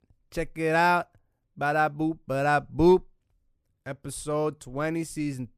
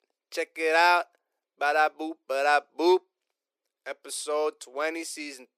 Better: first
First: none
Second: thin; very; fading below 350 Hz

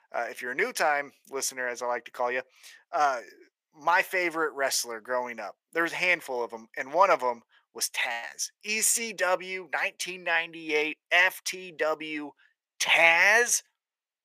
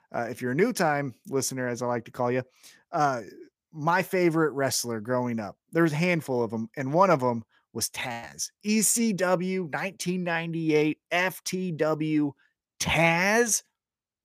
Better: second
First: thin; very; fading below 650 Hz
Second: none

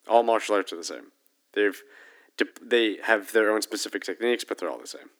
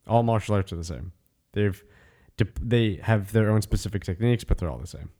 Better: second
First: thin; very; fading below 300 Hz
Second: none

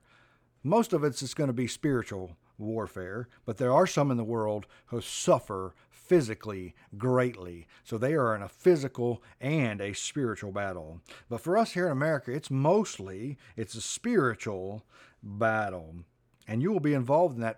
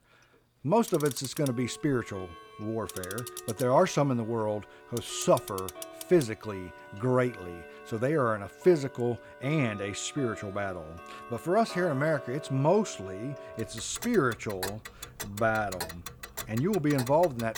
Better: first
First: none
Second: household noises; noticeable; throughout; 15 dB below the speech

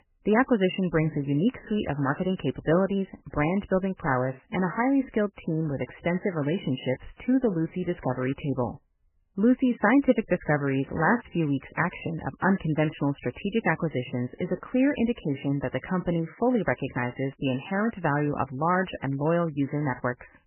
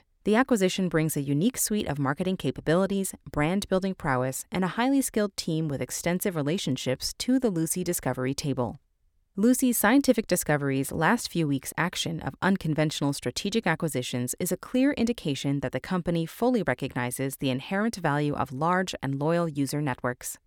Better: second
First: garbled, watery; badly; nothing above 3 kHz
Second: none

